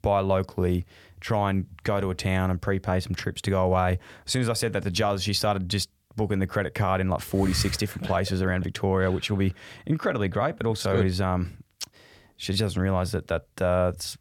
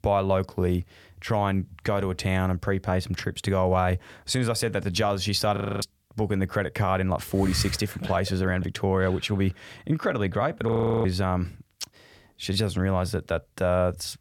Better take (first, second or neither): first